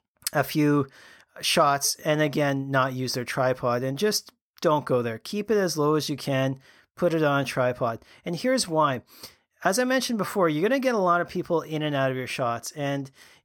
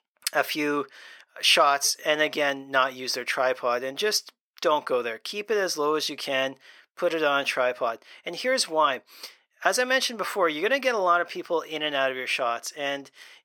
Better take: first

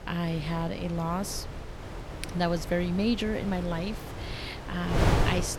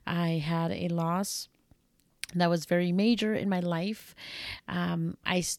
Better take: second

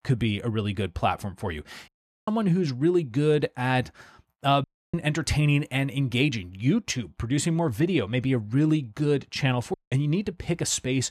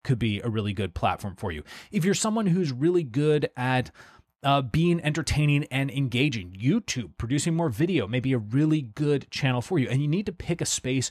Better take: second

